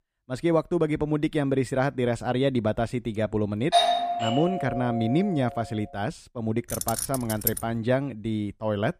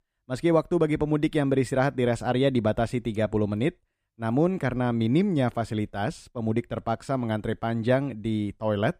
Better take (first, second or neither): second